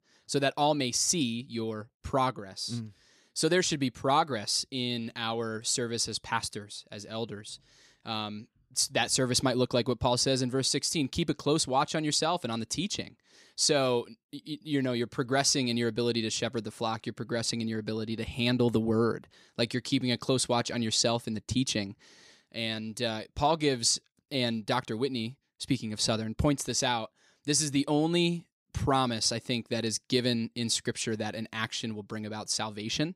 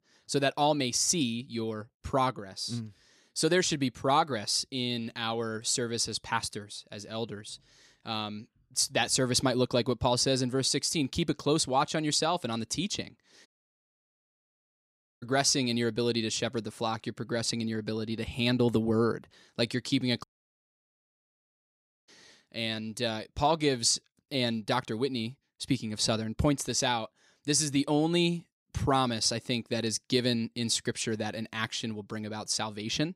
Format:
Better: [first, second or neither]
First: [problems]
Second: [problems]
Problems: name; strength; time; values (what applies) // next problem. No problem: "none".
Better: first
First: none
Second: audio cutting out; at 13 s for 2 s and at 20 s for 2 s